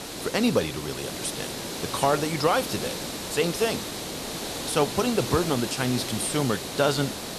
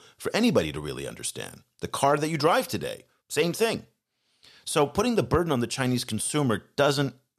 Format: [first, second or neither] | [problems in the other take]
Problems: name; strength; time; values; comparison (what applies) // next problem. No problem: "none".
second | hiss; loud; throughout; 6 dB below the speech